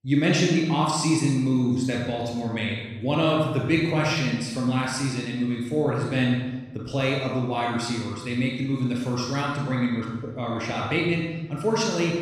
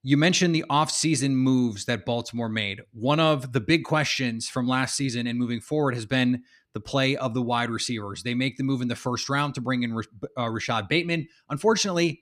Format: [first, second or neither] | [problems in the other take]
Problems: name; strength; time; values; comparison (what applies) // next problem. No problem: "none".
second | off-mic speech; somewhat distant // room echo; noticeable; dies away in 1.1 s